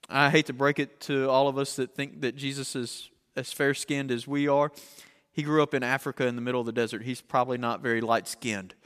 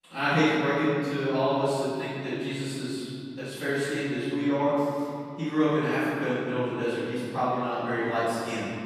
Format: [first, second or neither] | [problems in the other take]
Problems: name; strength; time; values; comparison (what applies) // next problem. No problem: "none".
first | off-mic speech; far // room echo; strong; dies away in 2.6 s